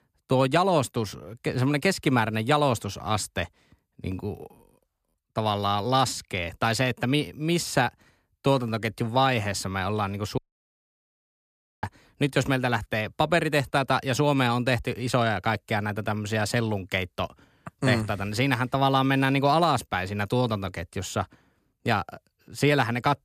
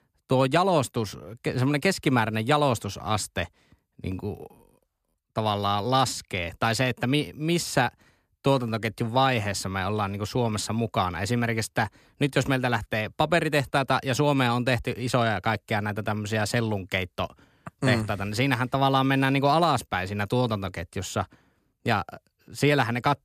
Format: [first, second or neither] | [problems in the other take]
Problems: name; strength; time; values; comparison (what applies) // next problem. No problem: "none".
second | audio cutting out; at 10 s for 1.5 s